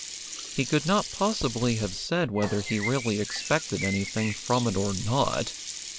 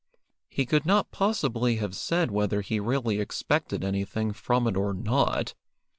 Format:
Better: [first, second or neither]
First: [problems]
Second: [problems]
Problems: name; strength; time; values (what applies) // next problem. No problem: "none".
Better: second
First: background sound (Sink (filling or washing) + Bird); 9 dB below the speech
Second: none